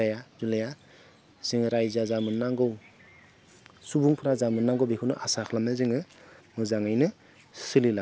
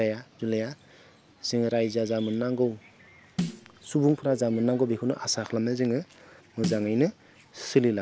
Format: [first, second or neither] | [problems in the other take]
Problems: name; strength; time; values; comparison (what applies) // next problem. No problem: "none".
first | background sound (Snare drum); 9 dB below the speech